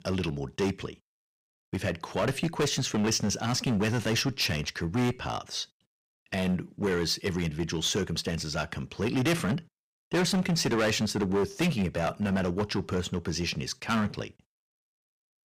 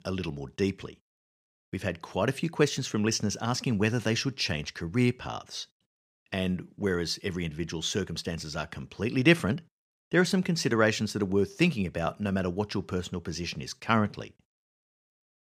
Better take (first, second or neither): second